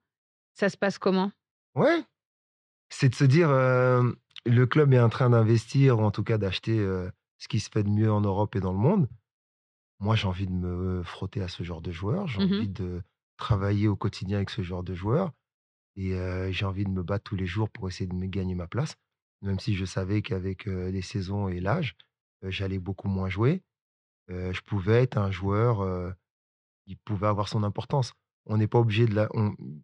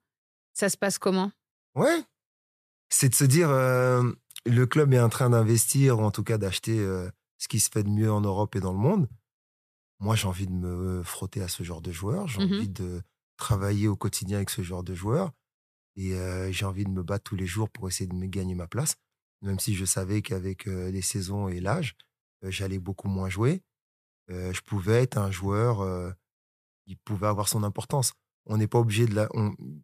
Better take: second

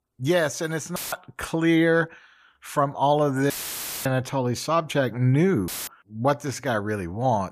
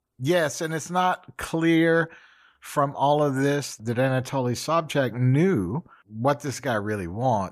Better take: second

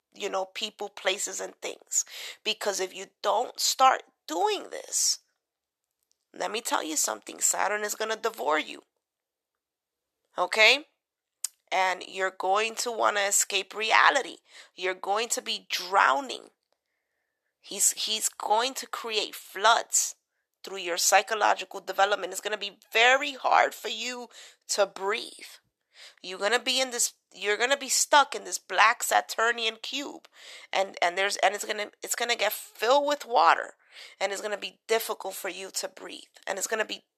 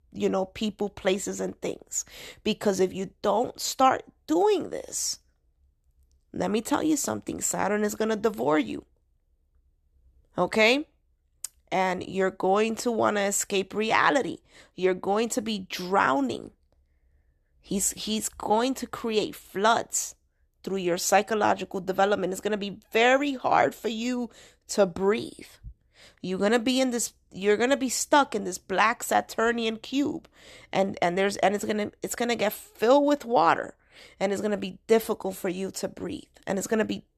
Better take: second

